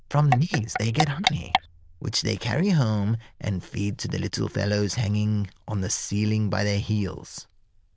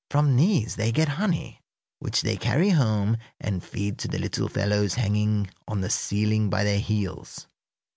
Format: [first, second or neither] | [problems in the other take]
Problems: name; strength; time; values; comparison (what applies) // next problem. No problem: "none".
second | noise reduction (neural diffusion model UNIVERSE++)